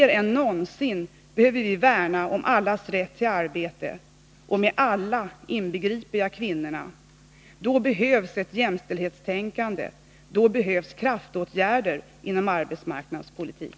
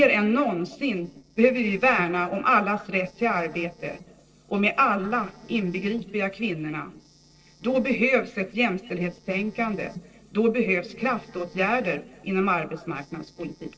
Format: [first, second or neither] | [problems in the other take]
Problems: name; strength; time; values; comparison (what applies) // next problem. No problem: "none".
first | noise reduction (neural separator model SepFormer DNS4)